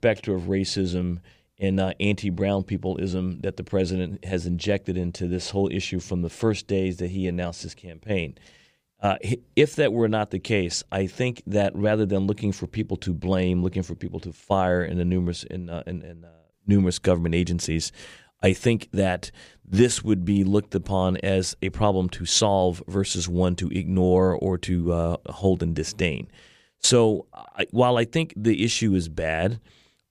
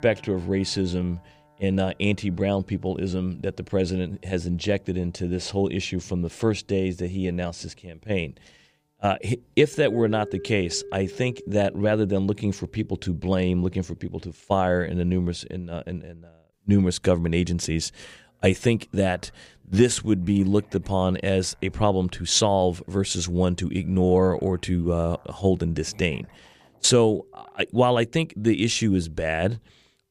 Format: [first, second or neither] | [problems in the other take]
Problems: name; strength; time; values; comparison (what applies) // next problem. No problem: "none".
first | background music; faint; throughout; 20 dB below the speech